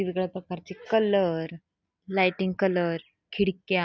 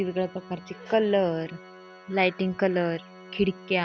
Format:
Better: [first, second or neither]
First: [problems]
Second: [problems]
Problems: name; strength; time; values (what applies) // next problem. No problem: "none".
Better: first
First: none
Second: background sound (Organ); 20 dB below the speech